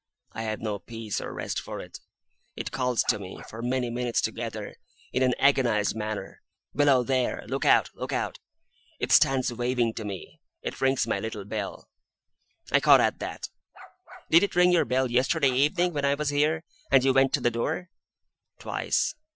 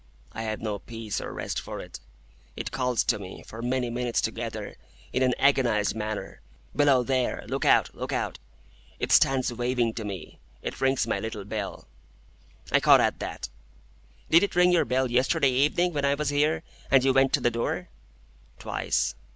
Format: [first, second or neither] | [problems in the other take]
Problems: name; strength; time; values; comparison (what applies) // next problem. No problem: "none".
second | noise reduction (classical method Wiener filter)